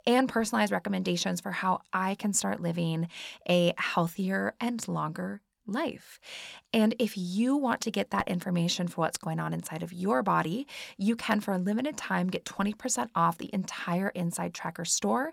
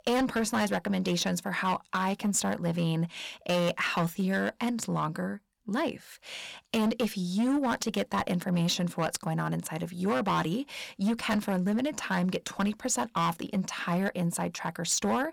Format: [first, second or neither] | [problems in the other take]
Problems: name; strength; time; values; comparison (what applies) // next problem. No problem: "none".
first | distortion; slight; 9% of the sound clipped